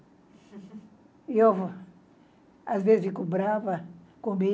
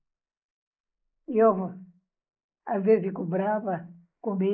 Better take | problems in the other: first | noise reduction (neural mask model Resemble Enhance denoiser)

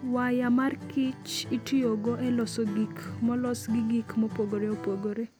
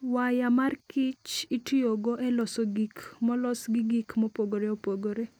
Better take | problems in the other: second | background sound (Acoustic guitar); 12 dB below the speech

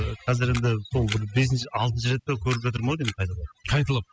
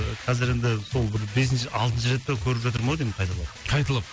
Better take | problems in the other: second | noise reduction (classical method spectral subtraction)

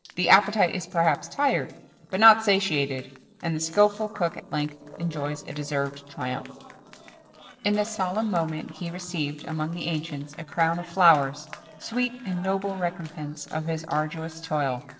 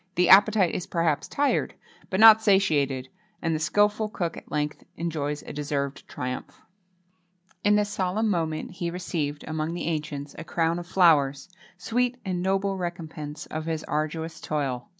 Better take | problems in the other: second | noise reduction (neural separator model SepFormer DNS4)

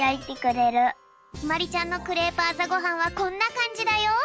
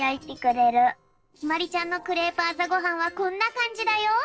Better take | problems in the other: first | noise reduction (neural separator model SepFormer DNS4)

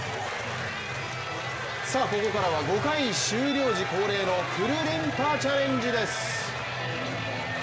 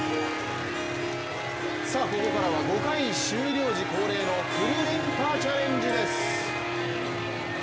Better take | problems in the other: first | background sound (Harp); 2 dB below the speech

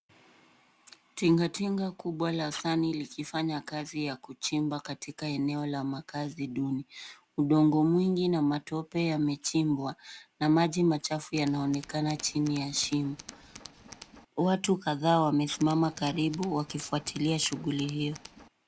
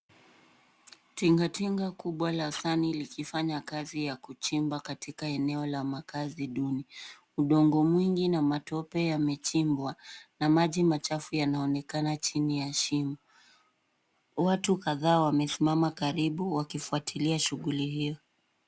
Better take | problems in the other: second | background sound (Tools); 19 dB below the speech

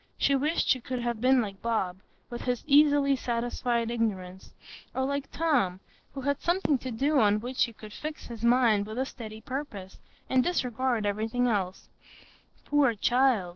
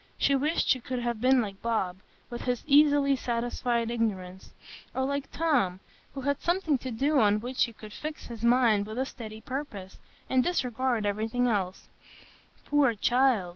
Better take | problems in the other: second | noise reduction (neural separator model SepFormer DNS4)

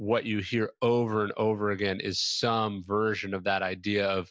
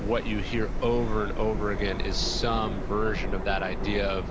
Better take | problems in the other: first | background sound (Subway, metro, underground); as loud as the speech

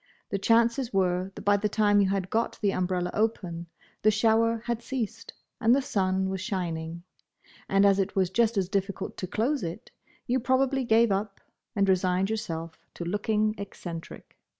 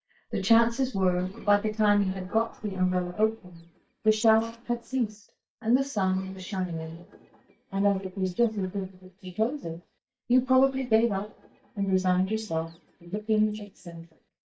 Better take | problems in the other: first | noise reduction (neural mask model DeepFilterNet 3)

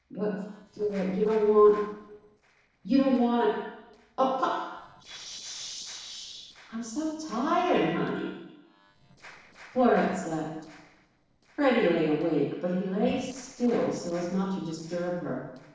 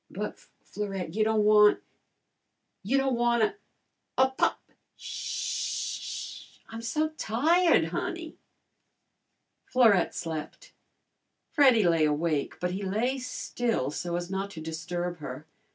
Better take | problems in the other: second | noise reduction (neural separator model SepFormer DNS4)

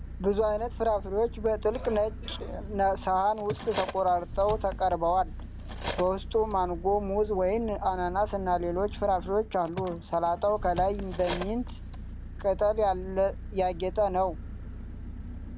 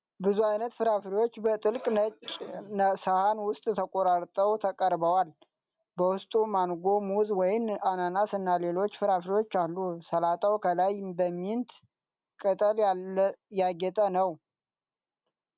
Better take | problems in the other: second | background sound (Engine + Cutlery, silverware); 9 dB below the speech

